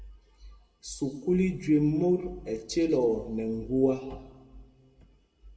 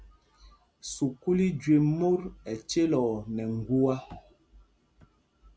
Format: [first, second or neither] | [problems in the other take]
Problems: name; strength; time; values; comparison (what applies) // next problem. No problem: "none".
second | room echo; dies away in 1.2 s